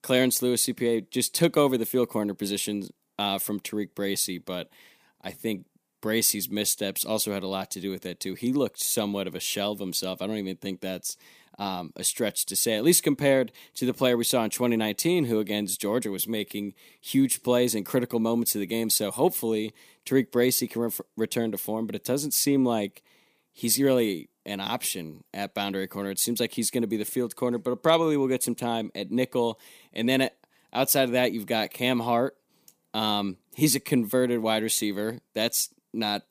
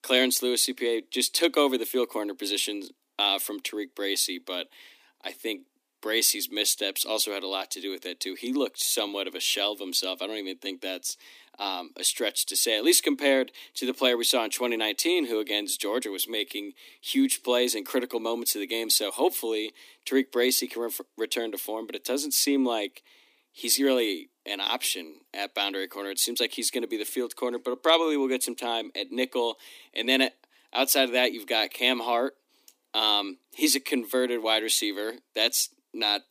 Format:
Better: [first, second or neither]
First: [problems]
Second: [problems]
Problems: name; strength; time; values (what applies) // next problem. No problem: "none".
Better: first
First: none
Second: thin; very slightly; fading below 250 Hz